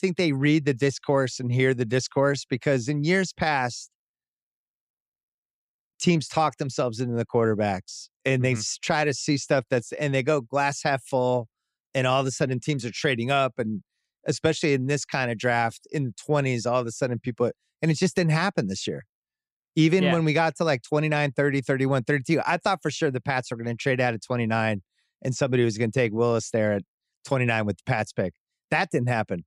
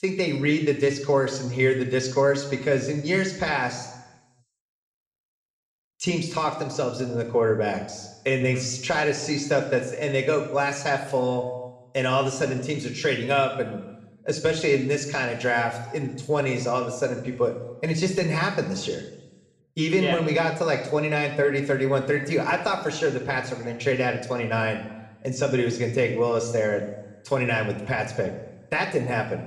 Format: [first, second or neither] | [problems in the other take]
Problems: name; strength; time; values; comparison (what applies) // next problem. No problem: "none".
first | room echo; slight; dies away in 0.9 s // off-mic speech; somewhat distant